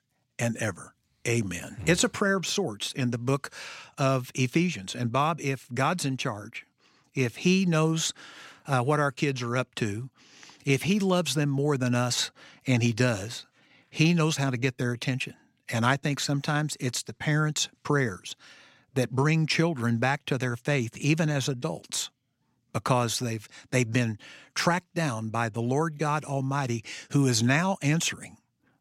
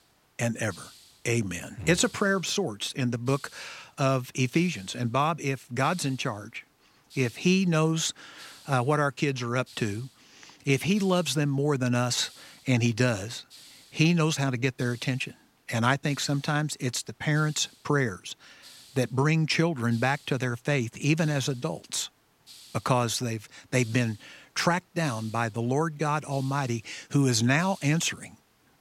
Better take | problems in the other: first | hiss; faint; throughout; 25 dB below the speech

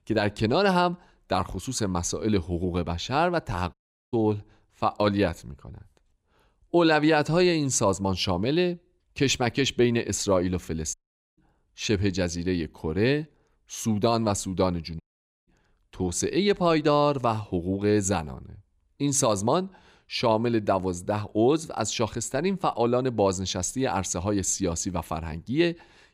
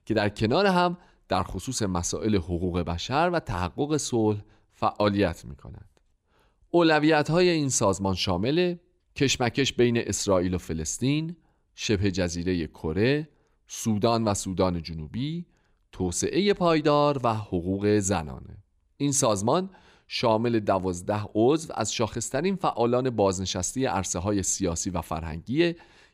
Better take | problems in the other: second | audio cutting out; at 3.5 s, at 11 s and at 15 s

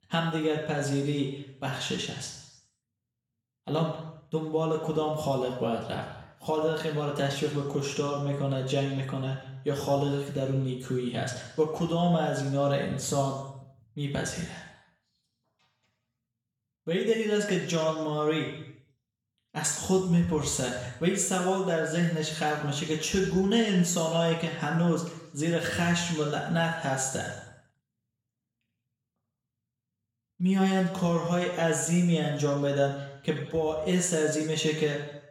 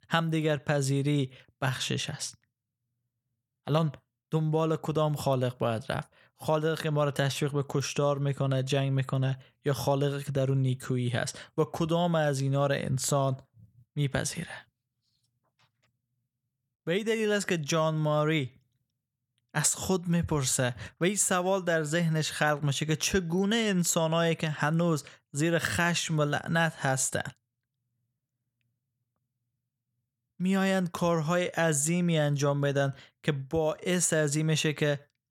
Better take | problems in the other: second | room echo; noticeable; dies away in 0.9 s // off-mic speech; far

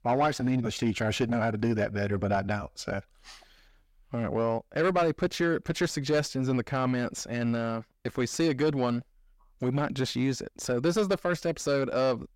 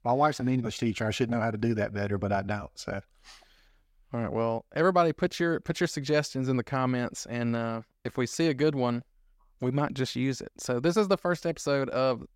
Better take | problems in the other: second | distortion; slight; 10 dB below the speech

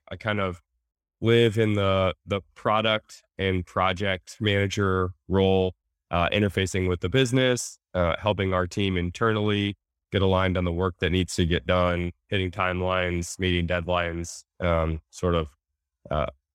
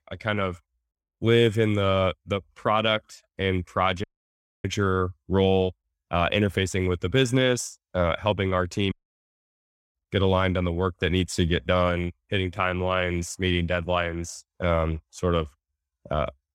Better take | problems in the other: first | audio cutting out; at 4 s for 0.5 s and at 9 s for 1 s

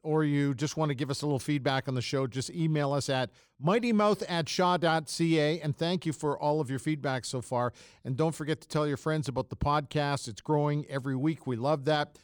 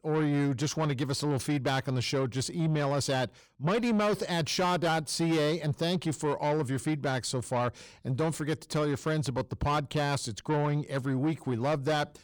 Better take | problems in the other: first | distortion; slight; 10 dB below the speech

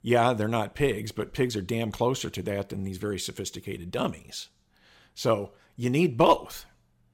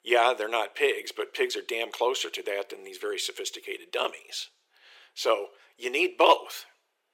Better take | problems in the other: first | thin; very; fading below 400 Hz

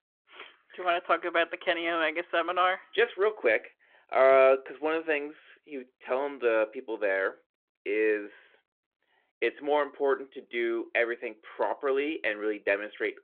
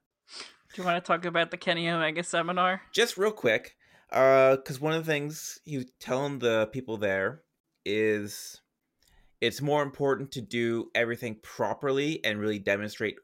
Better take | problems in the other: second | phone-call audio

